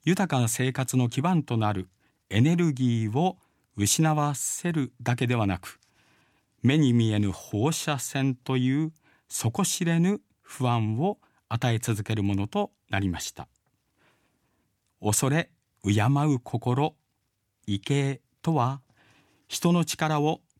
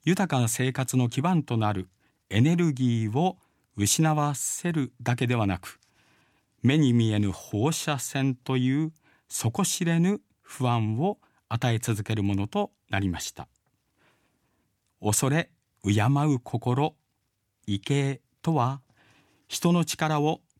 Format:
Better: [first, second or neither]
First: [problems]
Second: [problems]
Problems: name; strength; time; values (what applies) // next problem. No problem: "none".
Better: neither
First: none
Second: none